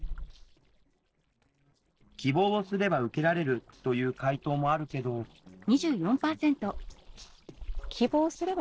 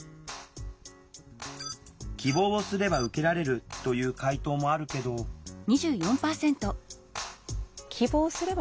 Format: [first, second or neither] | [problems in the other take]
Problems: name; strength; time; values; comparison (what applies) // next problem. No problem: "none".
second | noise reduction (neural separator model SepFormer DNS4)